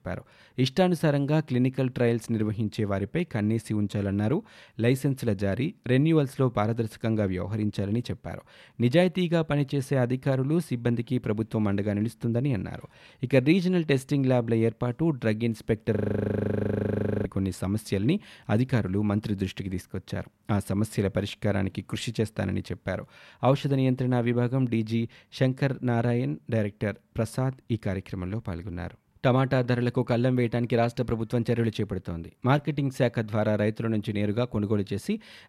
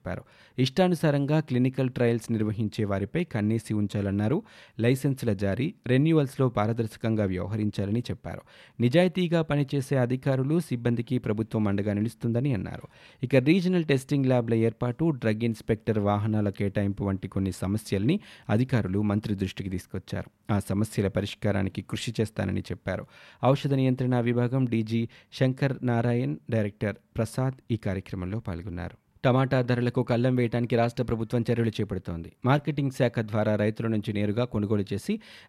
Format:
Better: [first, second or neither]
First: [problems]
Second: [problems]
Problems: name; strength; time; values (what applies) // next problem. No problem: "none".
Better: second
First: audio freezing; at 16 s for 1.5 s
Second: none